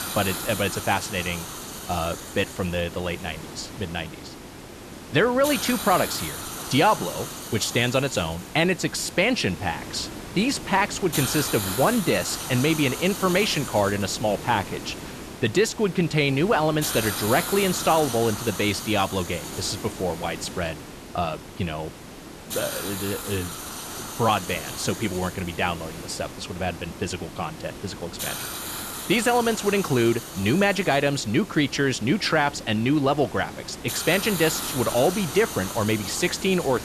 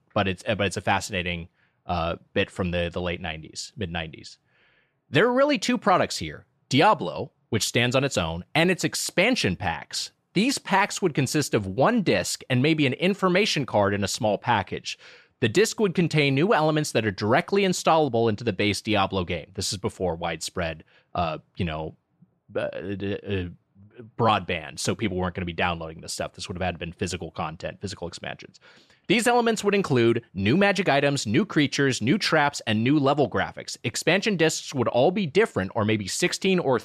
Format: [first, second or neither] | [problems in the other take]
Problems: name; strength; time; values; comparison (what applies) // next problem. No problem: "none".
second | hiss; loud; throughout; 8 dB below the speech